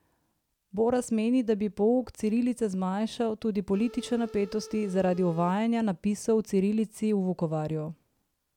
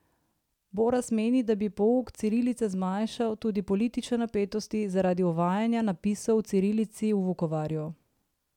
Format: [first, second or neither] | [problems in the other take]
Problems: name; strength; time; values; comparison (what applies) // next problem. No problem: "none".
second | background sound (Telephone); 18 dB below the speech